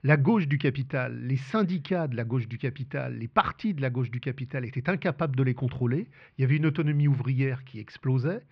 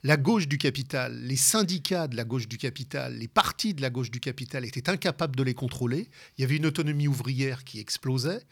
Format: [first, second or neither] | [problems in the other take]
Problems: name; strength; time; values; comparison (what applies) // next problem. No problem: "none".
second | muffled; very; fading above 2.5 kHz